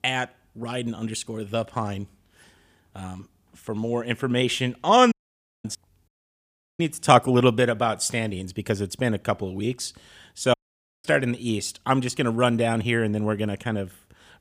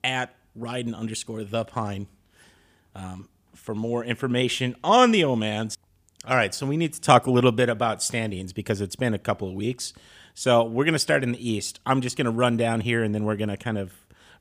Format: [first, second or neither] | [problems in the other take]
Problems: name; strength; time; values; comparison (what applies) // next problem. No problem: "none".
second | audio cutting out; at 5 s for 0.5 s, at 6 s for 0.5 s and at 11 s for 0.5 s